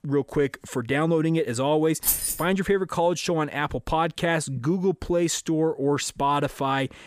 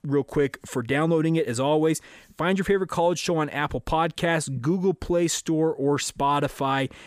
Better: second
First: jangling keys; loud; at 2 s; peak 2 dB above the speech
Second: none

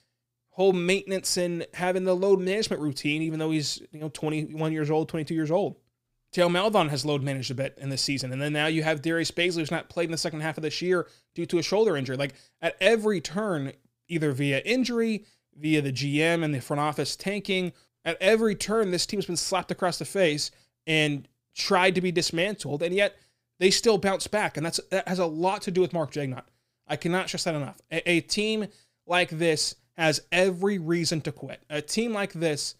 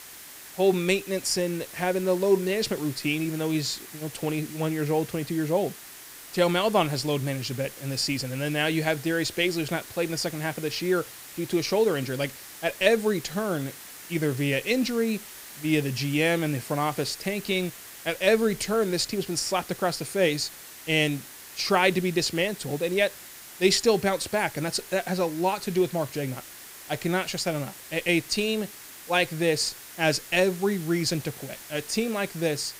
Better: first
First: none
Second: hiss; noticeable; throughout; 15 dB below the speech

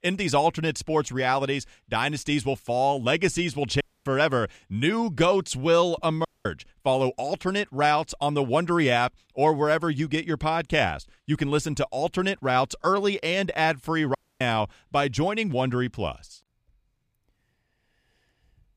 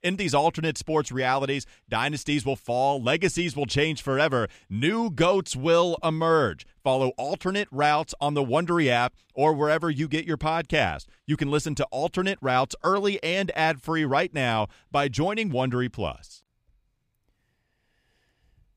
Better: second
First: audio cutting out; at 4 s, at 6.5 s and at 14 s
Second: none

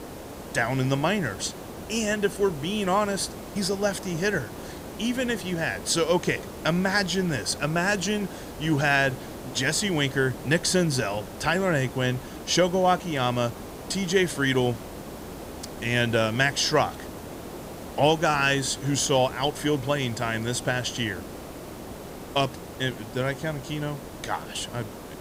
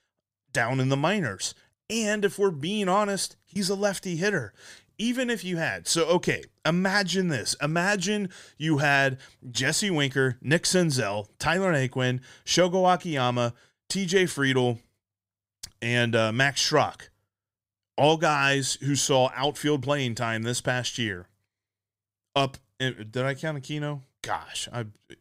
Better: second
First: hiss; noticeable; throughout; 15 dB below the speech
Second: none

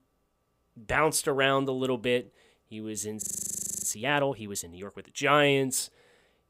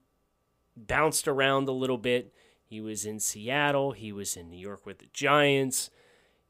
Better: second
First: audio freezing; at 3 s for 0.5 s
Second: none

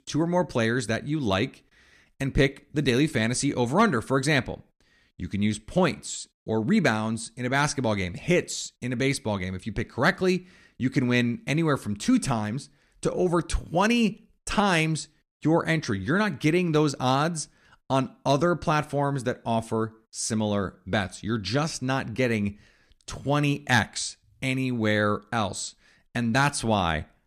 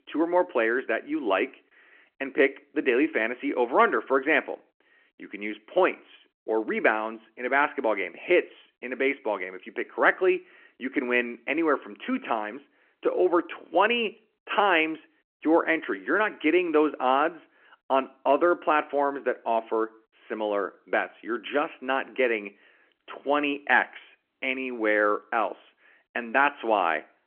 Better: first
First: none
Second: phone-call audio

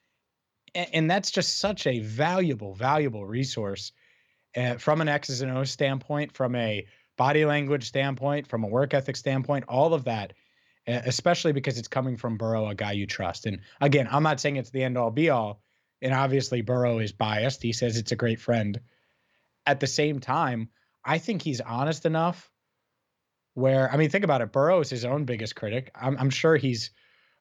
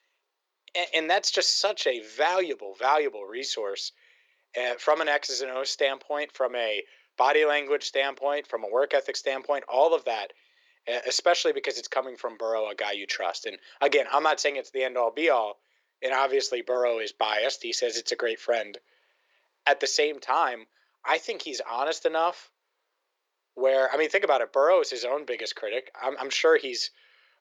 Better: first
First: none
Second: thin; very; fading below 400 Hz

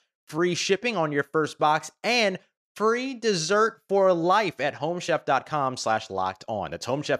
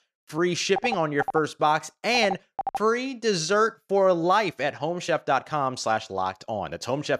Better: first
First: none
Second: phone ringing; noticeable; from 1 to 3 s; peak 7 dB below the speech

